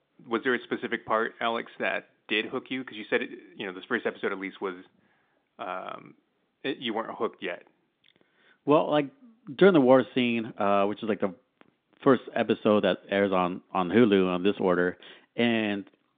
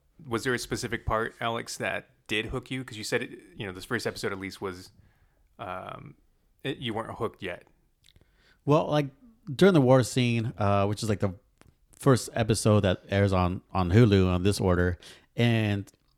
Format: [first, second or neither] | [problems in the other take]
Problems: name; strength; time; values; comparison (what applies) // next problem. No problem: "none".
second | phone-call audio; nothing above 3.5 kHz